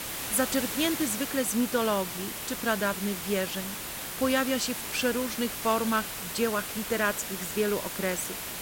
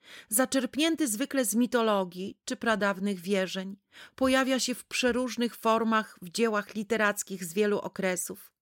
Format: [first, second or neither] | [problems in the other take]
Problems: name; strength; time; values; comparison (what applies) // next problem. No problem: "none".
second | hiss; loud; throughout; 4 dB below the speech